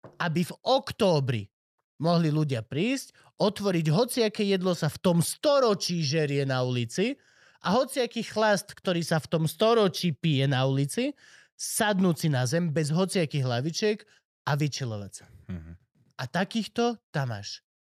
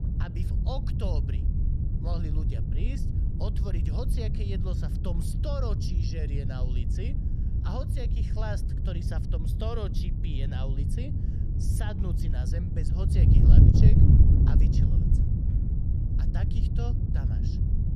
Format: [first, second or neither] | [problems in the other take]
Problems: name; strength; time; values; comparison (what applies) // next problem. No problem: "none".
first | wind noise on the microphone; heavy; 2 dB above the speech